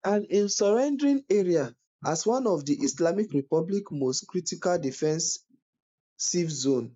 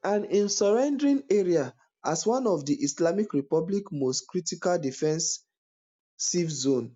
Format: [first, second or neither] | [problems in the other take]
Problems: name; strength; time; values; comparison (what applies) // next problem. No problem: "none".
second | noise reduction (neural mask model Resemble Enhance denoiser)